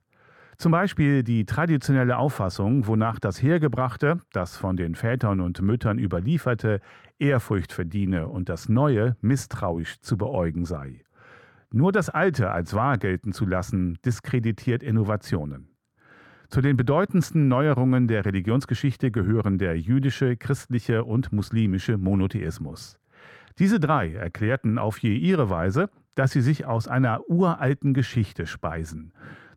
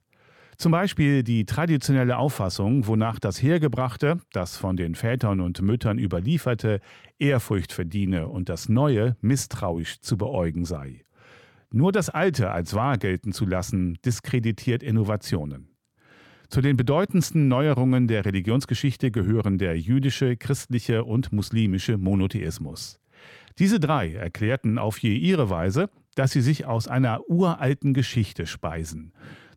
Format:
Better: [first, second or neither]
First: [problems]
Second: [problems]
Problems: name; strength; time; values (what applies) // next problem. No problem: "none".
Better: second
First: muffled; very slightly; fading above 1.5 kHz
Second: none